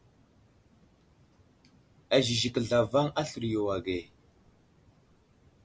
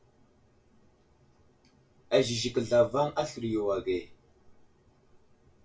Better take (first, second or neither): first